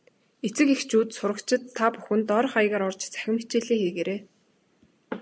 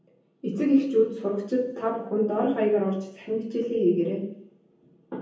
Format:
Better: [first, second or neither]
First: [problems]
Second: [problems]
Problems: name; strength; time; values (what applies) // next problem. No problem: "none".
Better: first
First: none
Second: room echo; dies away in 0.7 s